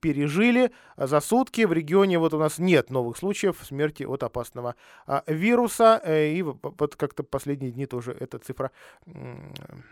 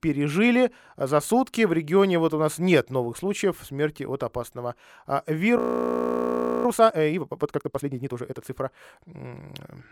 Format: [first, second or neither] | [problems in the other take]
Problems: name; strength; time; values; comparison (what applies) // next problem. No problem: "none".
first | audio freezing; at 5.5 s for 1 s